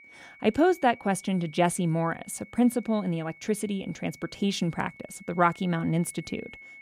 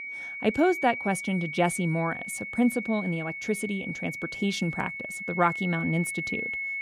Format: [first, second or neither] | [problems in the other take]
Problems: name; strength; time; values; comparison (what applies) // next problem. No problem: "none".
first | high-pitched whine; loud; throughout; 2 kHz, 5 dB below the speech; faint in the first